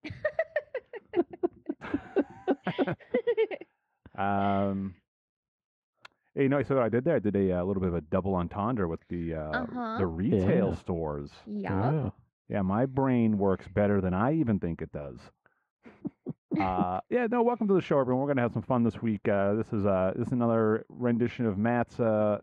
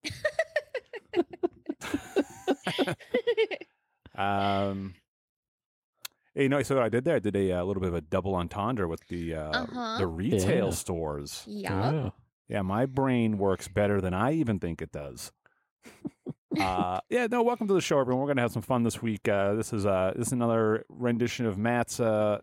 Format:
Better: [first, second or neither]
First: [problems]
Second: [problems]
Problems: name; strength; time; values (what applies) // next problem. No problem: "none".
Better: second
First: muffled; very; fading above 2 kHz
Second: none